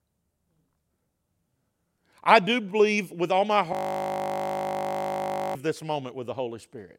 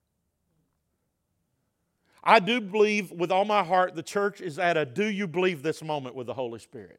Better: second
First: audio freezing; at 3.5 s for 2 s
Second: none

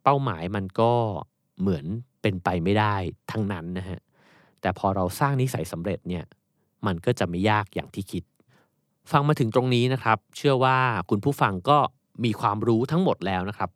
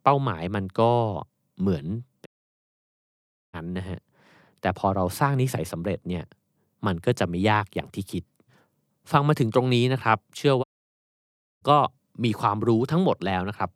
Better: first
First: none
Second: audio cutting out; at 2.5 s for 1.5 s and at 11 s for 1 s

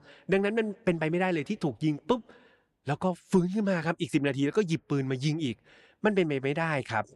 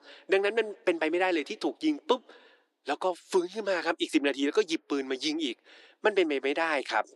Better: first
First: none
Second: thin; somewhat; fading below 300 Hz

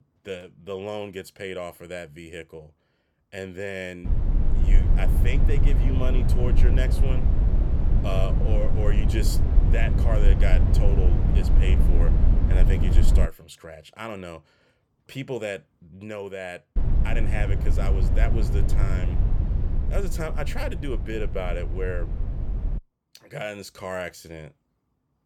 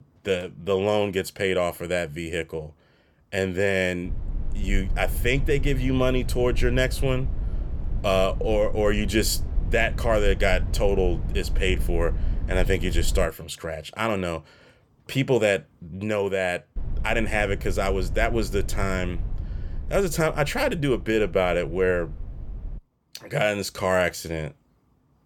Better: second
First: low rumble; loud; from 4 to 13 s and from 17 to 23 s; 4 dB below the speech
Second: low rumble; faint; from 4 to 13 s and from 17 to 23 s; 20 dB below the speech

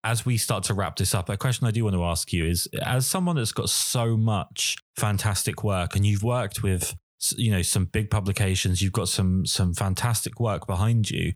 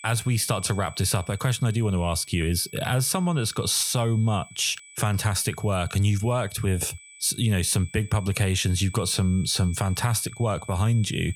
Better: first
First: none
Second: high-pitched whine; noticeable; throughout; 2.5 kHz, 20 dB below the speech

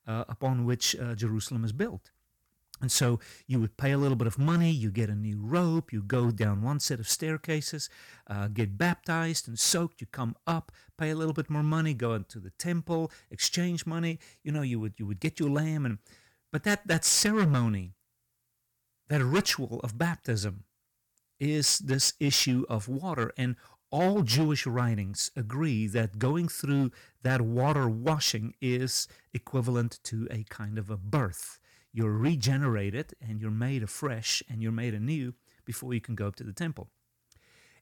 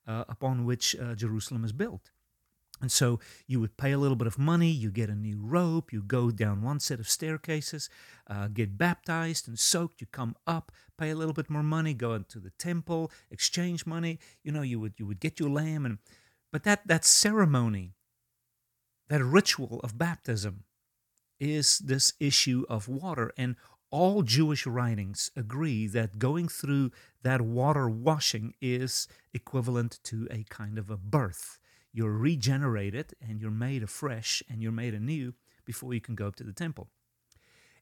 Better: second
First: distortion; slight; 4% of the sound clipped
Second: none

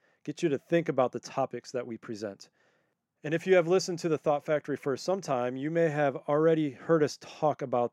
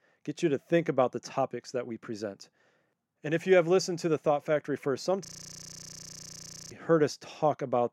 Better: first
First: none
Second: audio freezing; at 5.5 s for 1.5 s

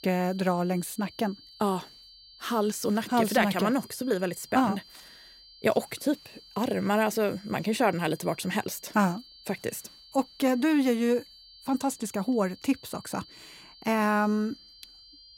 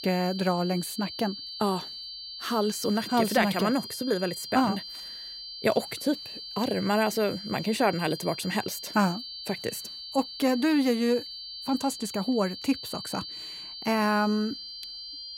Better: first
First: high-pitched whine; faint; throughout; 4.5 kHz, 20 dB below the speech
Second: high-pitched whine; loud; throughout; 4.5 kHz, 9 dB below the speech

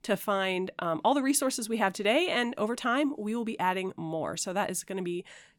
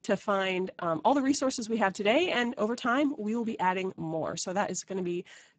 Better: first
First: none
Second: garbled, watery; badly; nothing above 7.5 kHz

